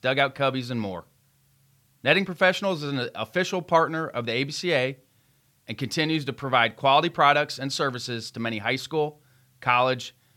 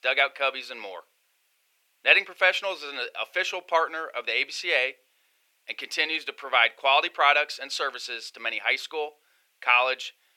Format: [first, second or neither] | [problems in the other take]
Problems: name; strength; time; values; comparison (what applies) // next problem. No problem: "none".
first | thin; very; fading below 450 Hz